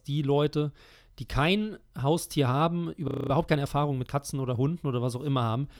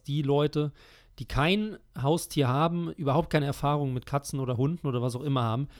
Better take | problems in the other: second | audio freezing; at 3 s

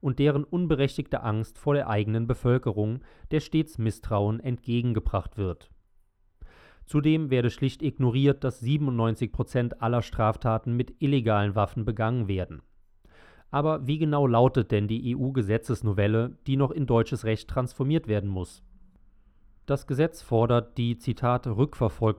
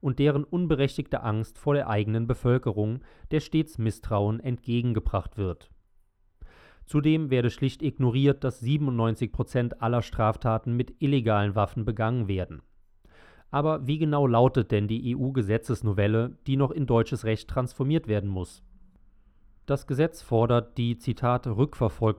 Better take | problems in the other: neither | muffled; slightly; fading above 2.5 kHz; the same in both

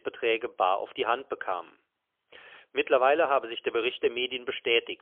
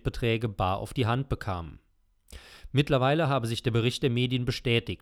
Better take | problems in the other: second | phone-call audio; poor line; nothing above 3.5 kHz

